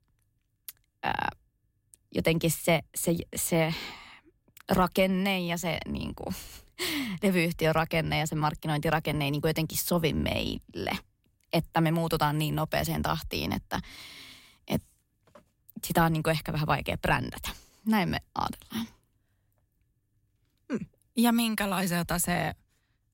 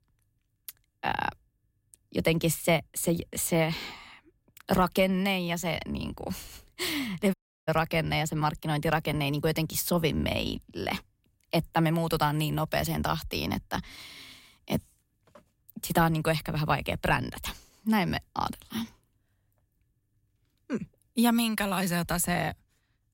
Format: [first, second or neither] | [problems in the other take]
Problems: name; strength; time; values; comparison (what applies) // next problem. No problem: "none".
first | audio cutting out; at 7.5 s